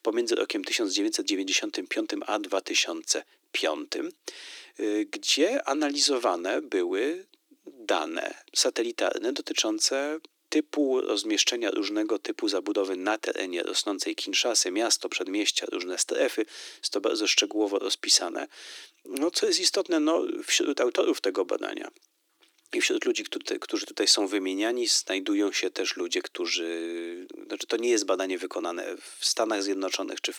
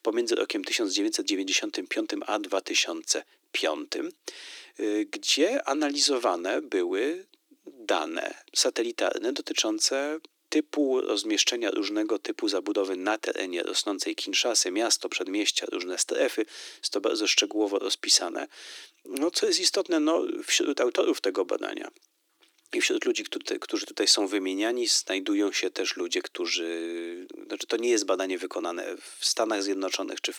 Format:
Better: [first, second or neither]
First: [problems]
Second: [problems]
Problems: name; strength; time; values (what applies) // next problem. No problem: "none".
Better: neither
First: thin; somewhat; fading below 300 Hz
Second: thin; somewhat; fading below 300 Hz